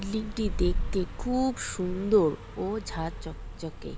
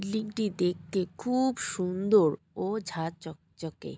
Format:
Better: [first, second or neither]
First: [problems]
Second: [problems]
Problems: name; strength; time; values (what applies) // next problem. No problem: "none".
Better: second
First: background sound (Car passing by); 4 dB below the speech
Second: none